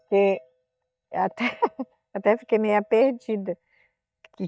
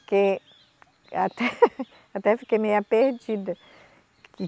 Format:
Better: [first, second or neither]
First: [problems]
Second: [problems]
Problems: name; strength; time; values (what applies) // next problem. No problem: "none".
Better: second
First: noise reduction (neural mask model DeepFilterNet 3)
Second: none